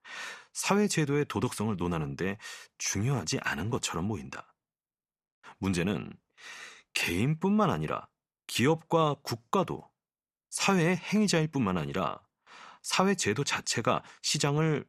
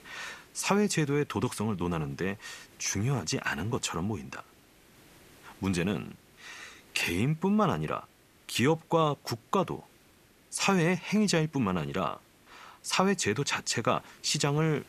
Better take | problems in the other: first | hiss; faint; throughout; 30 dB below the speech

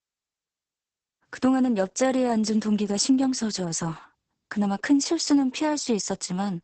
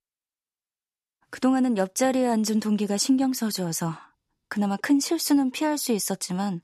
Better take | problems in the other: second | garbled, watery; badly; nothing above 8 kHz

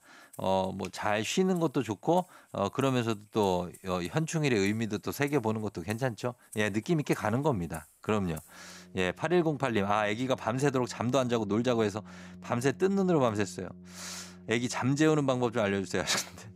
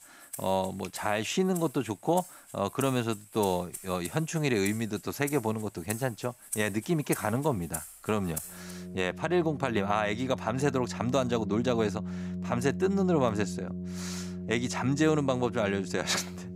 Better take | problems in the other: first | background music; loud; throughout; 10 dB below the speech; faint in the first

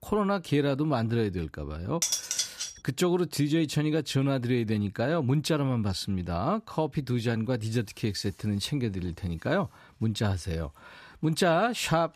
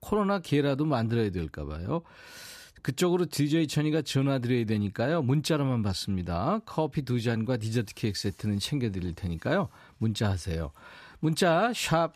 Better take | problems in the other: second | clattering dishes; loud; at 2 s; peak 1 dB above the speech

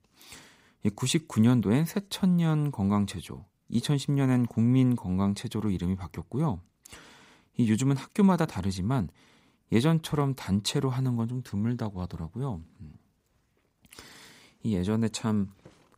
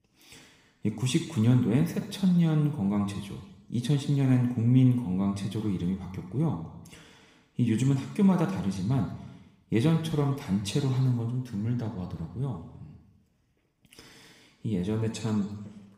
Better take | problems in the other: first | room echo; noticeable; dies away in 0.9 s // off-mic speech; somewhat distant

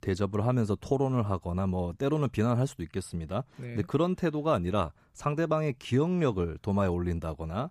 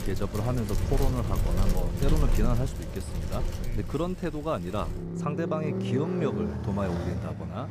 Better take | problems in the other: first | traffic noise; very loud; throughout; as loud as the speech

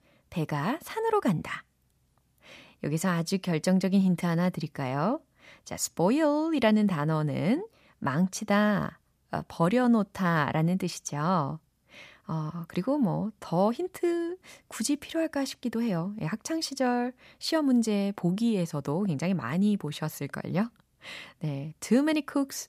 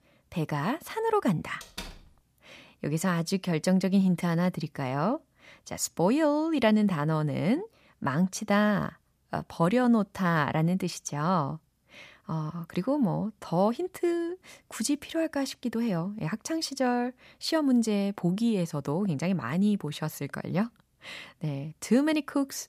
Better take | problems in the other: first | door banging; faint; at 1.5 s; peak 15 dB below the speech

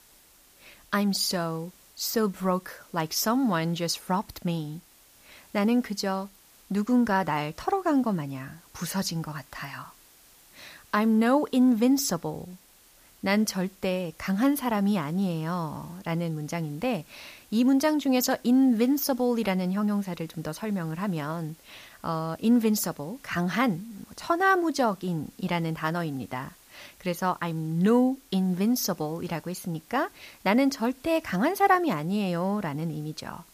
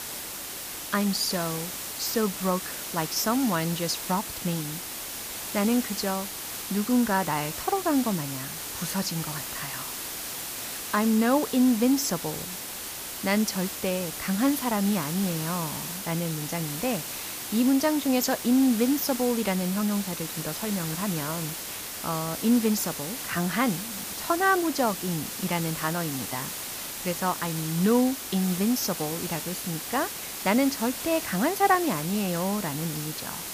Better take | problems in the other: first | hiss; loud; throughout; 6 dB below the speech; faint in the first

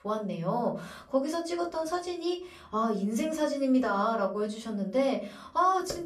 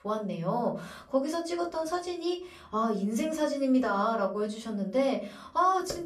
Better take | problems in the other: neither | off-mic speech; far; the same in both // room echo; very slight; dies away in 0.3 s; the same in both

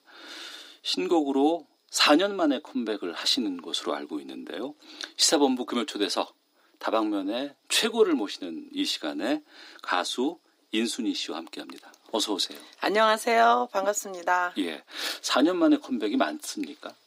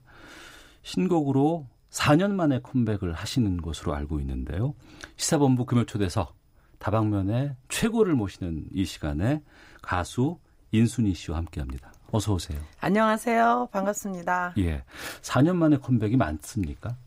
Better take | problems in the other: second | thin; very slightly; fading below 250 Hz

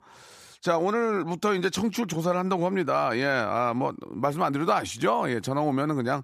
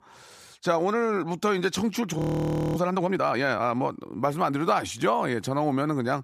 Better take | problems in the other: first | audio freezing; at 2 s for 0.5 s

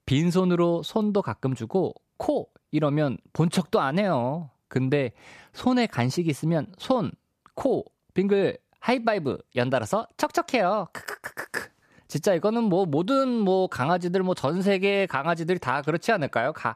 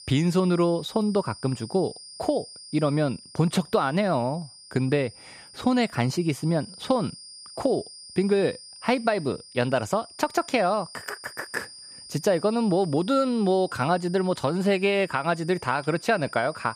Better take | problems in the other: first | high-pitched whine; noticeable; throughout; 5 kHz, 15 dB below the speech

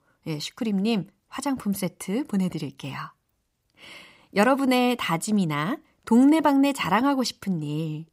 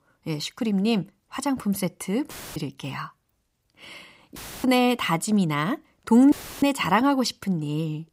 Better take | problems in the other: first | audio cutting out; filled with static; at 2.5 s, at 4.5 s and at 6.5 s

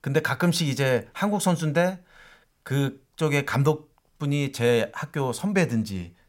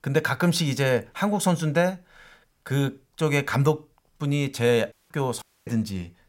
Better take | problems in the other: first | audio cutting out; at 5 s and at 5.5 s

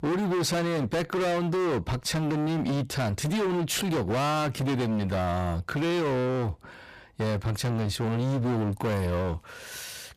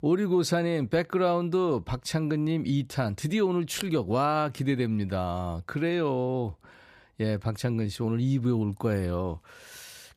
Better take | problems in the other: second | distortion; heavy; 37% of the sound clipped

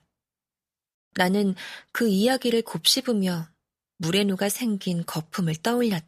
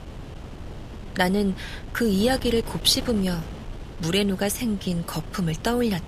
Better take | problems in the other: first | wind noise on the microphone; occasional gusts; 15 dB below the speech

